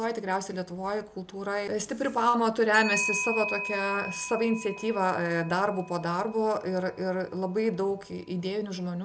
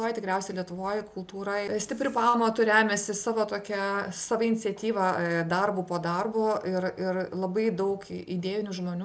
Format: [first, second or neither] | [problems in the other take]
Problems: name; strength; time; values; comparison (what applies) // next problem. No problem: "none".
second | background sound (Clock); 10 dB below the speech